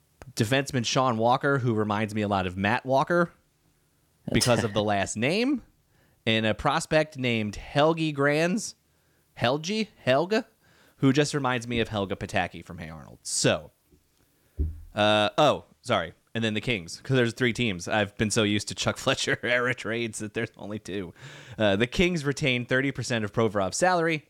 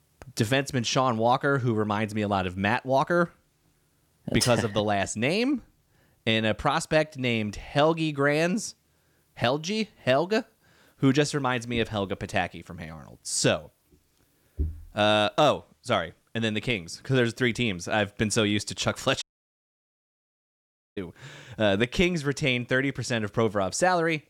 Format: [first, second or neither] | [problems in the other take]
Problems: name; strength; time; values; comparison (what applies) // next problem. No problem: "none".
first | audio cutting out; at 19 s for 1.5 s